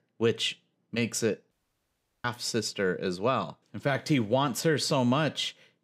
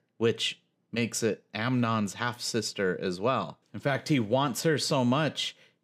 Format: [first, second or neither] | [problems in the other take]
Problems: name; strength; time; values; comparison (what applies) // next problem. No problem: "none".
second | audio cutting out; at 1.5 s for 0.5 s